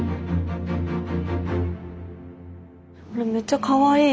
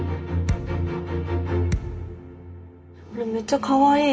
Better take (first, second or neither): first